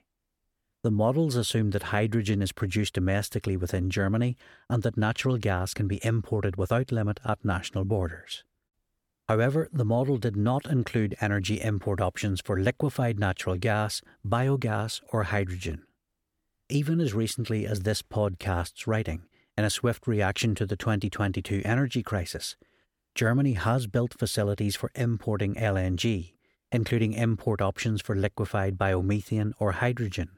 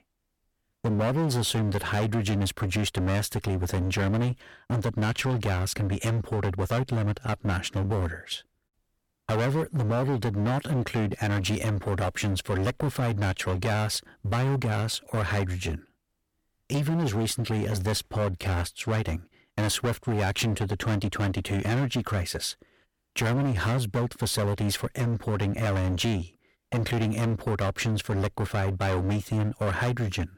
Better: first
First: none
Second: distortion; heavy; 21% of the sound clipped

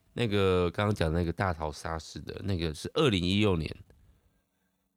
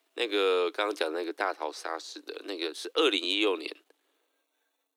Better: first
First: none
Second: thin; very; fading below 300 Hz

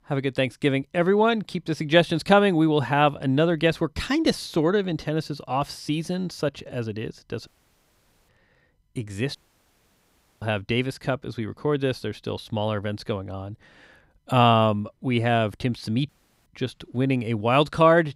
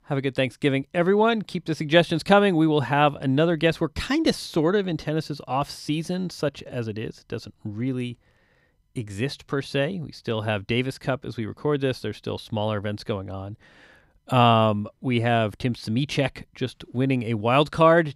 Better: second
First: audio cutting out; at 7.5 s for 1 s, at 9.5 s for 1 s and at 16 s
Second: none

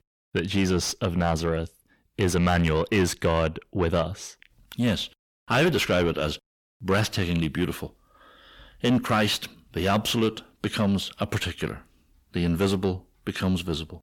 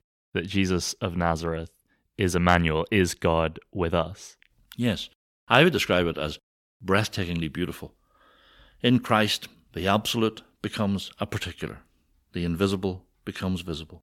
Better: second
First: distortion; heavy; 8 dB below the speech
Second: none

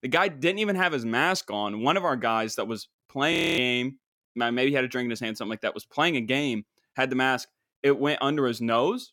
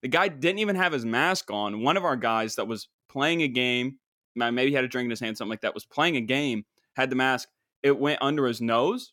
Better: second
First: audio freezing; at 3.5 s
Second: none

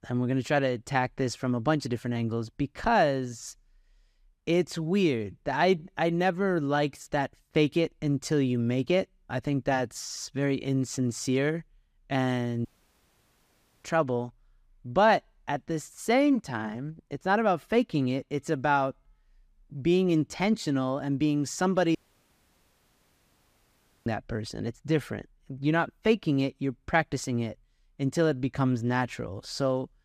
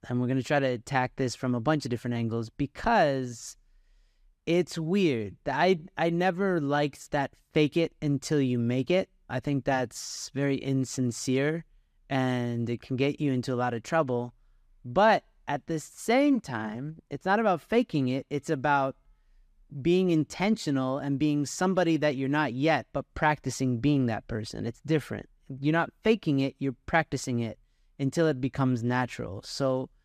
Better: second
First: audio cutting out; at 13 s for 1 s and at 22 s for 2 s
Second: none

